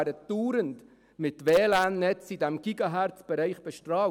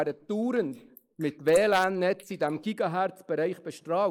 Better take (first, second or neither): first